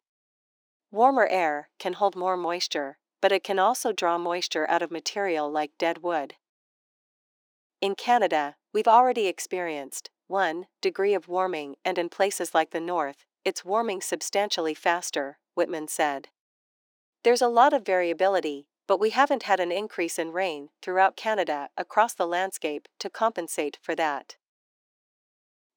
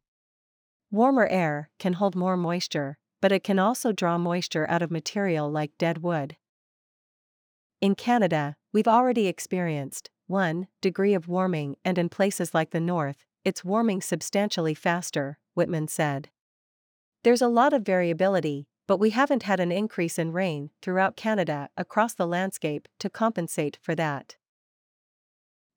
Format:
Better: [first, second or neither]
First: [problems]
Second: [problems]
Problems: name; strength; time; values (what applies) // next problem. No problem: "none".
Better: second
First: thin; somewhat; fading below 350 Hz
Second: none